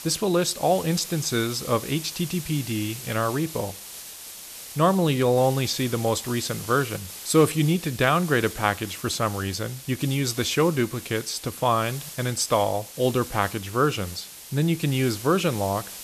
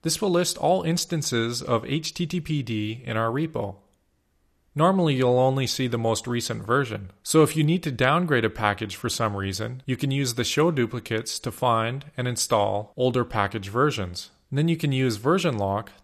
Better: second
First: hiss; noticeable; throughout; 10 dB below the speech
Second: none

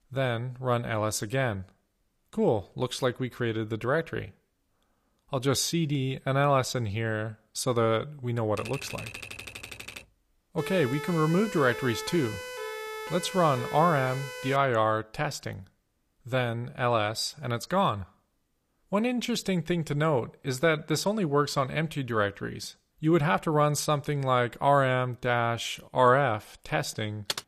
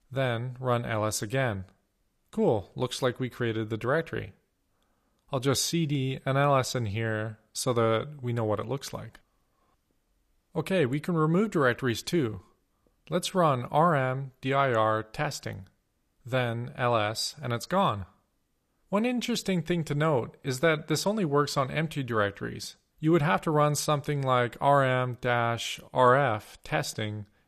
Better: second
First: keyboard typing; faint; from 8.5 to 10 s; peak 10 dB below the speech // siren; noticeable; from 11 to 15 s; peak 8 dB below the speech // keyboard typing; noticeable; at 27 s; peak 6 dB below the speech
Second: none

